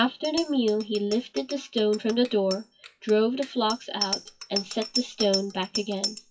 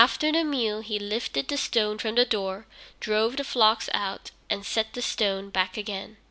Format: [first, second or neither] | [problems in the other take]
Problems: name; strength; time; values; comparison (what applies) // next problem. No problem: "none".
second | noise reduction (classical method WPE with log-MMSE)